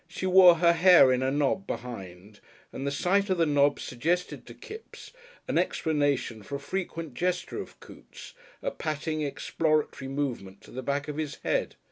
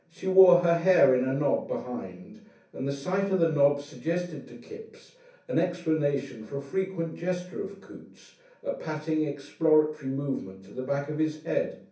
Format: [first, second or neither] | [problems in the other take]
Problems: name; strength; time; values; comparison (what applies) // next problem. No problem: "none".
first | room echo; dies away in 0.6 s